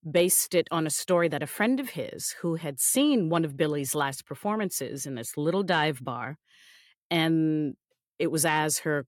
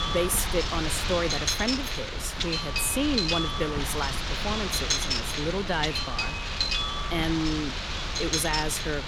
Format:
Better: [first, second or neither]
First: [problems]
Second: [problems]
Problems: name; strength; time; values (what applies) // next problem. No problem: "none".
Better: first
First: none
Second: wind noise on the microphone; heavy; 3 dB above the speech